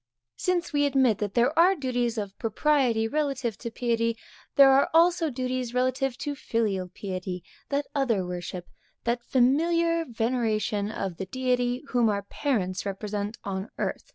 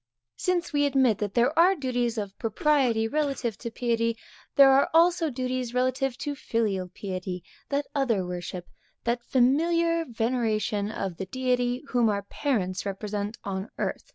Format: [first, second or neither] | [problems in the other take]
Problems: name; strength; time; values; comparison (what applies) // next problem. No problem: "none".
first | background sound (Cough); 19 dB below the speech